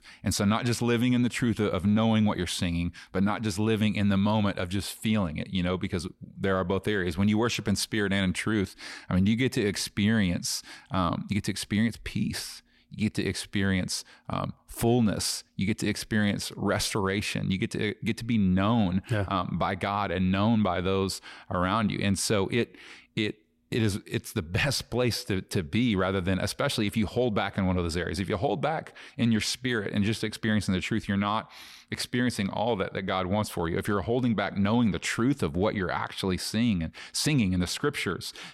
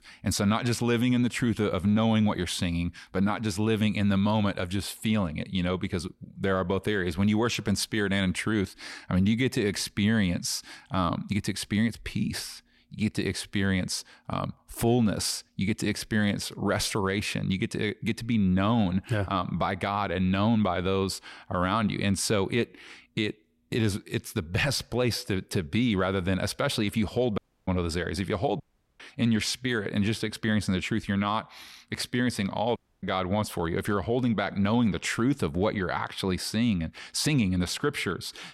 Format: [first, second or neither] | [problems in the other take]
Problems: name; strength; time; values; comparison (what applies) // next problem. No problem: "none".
first | audio cutting out; at 27 s, at 29 s and at 33 s